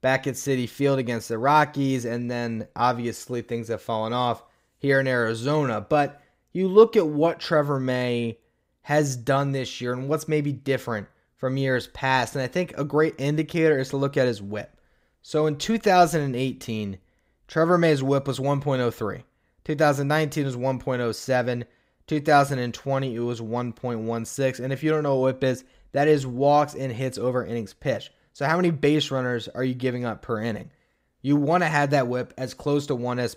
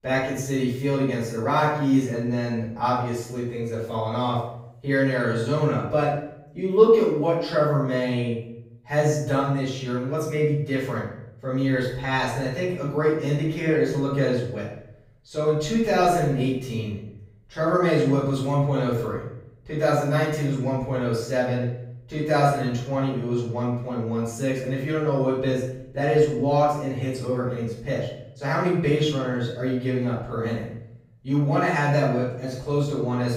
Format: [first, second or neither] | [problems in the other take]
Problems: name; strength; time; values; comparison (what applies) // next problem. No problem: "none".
first | off-mic speech; far // room echo; noticeable; dies away in 0.7 s